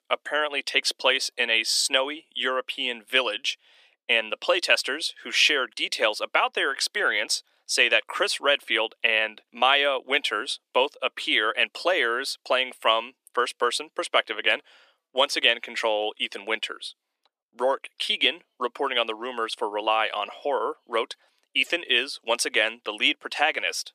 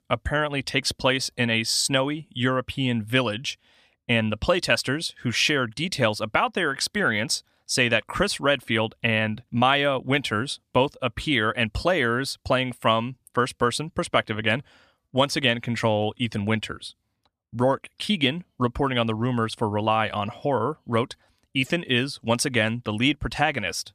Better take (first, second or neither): second